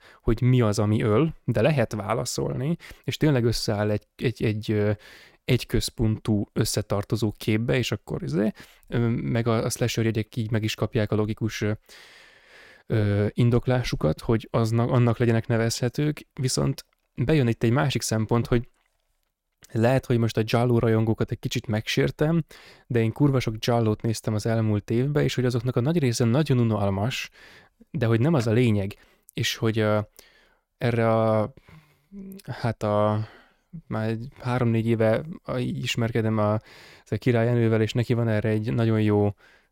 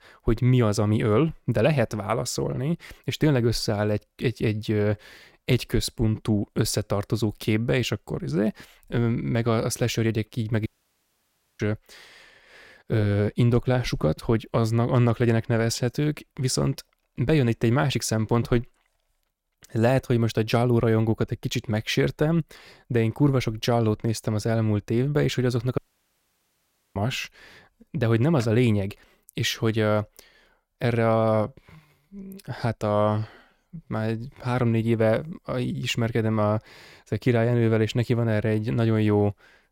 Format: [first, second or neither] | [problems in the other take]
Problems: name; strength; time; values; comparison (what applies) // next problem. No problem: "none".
first | audio cutting out; at 11 s for 1 s and at 26 s for 1 s